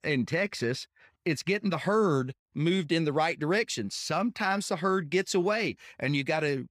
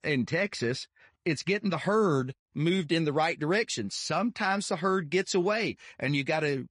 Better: first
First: none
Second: garbled, watery; slightly; nothing above 10.5 kHz

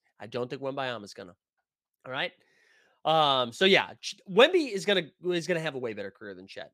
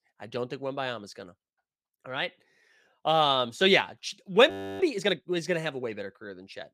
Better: first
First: none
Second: audio freezing; at 4.5 s

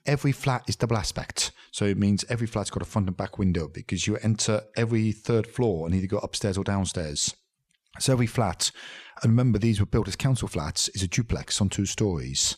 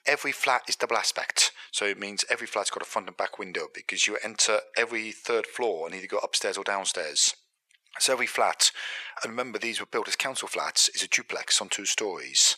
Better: first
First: none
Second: thin; very; fading below 500 Hz

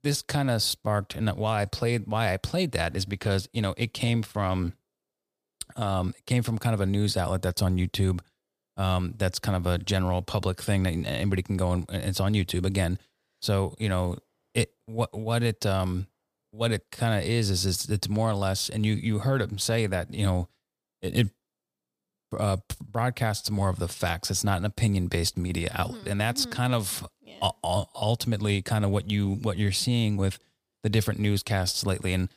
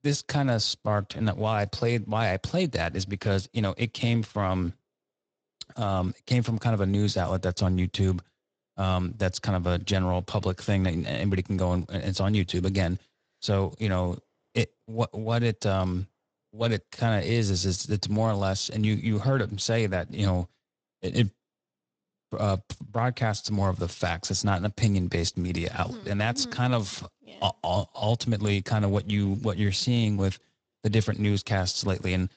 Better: first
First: none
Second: garbled, watery; slightly; nothing above 7.5 kHz

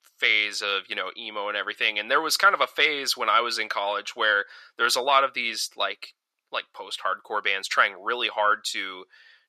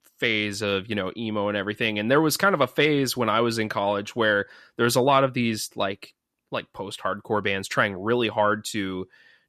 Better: second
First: thin; very; fading below 650 Hz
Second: none

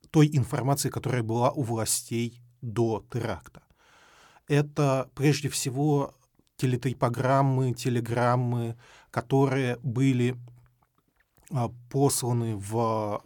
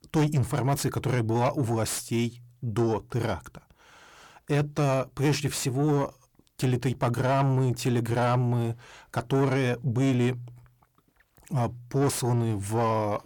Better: first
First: none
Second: distortion; slight; 10 dB below the speech

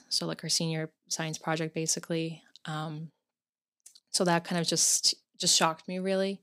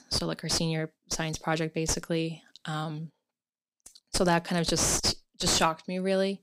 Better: first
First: none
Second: distortion; heavy; 1 dB below the speech

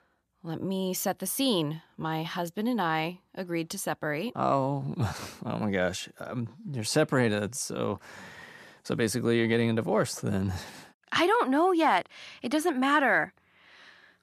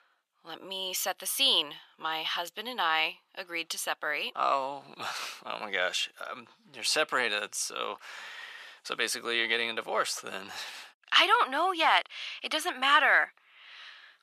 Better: first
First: none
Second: thin; very; fading below 650 Hz

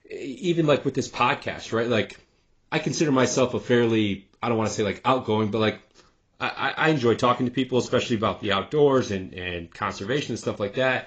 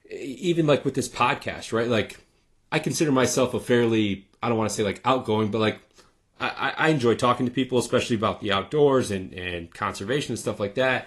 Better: second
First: garbled, watery; badly; nothing above 7.5 kHz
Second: garbled, watery; slightly; nothing above 11.5 kHz

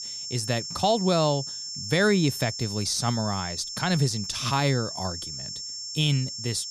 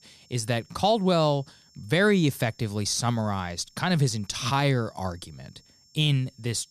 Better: second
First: high-pitched whine; loud; throughout; 5.5 kHz, 6 dB below the speech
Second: high-pitched whine; faint; throughout; 5.5 kHz, 30 dB below the speech

